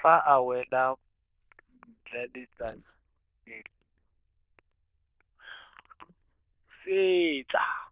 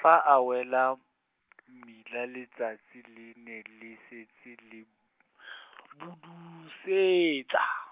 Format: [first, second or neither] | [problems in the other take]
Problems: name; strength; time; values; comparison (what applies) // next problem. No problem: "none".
second | noise reduction (neural diffusion model UNIVERSE++)